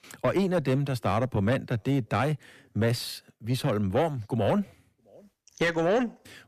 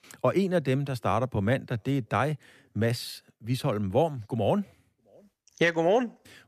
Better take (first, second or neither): second